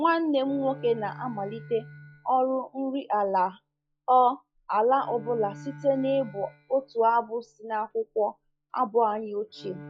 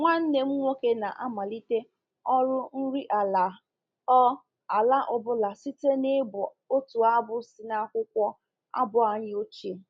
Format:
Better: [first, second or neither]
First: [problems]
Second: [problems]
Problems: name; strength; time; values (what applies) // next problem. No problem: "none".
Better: second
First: noise reduction (classical method log-MMSE)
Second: none